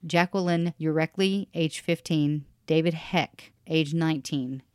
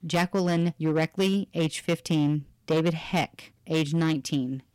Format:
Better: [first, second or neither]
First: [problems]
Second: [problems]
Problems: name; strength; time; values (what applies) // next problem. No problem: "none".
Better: first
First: none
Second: distortion; slight; 8% of the sound clipped